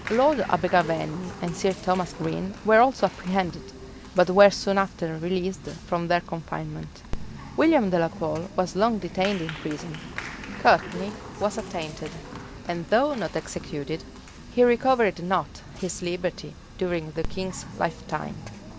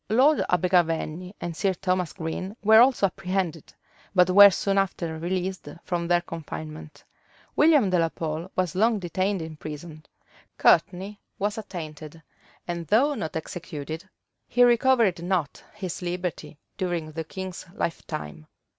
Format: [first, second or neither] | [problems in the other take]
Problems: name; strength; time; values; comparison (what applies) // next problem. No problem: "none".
second | background sound (Applause); 13 dB below the speech